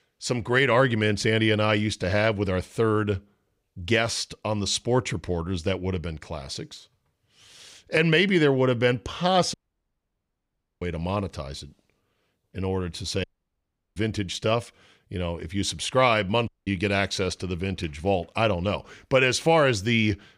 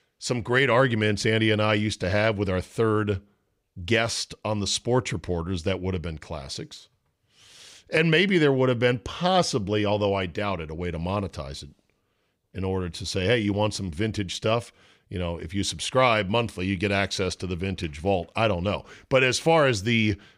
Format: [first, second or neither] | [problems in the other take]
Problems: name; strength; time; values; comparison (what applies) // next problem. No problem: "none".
second | audio cutting out; at 9.5 s for 1.5 s, at 13 s for 0.5 s and at 16 s